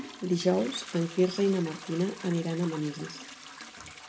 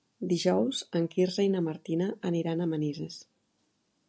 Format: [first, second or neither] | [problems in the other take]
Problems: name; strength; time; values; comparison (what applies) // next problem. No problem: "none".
second | background sound (Trickle, dribble / Toilet flush / Hiss); 15 dB below the speech // room echo; dies away in 0.5 s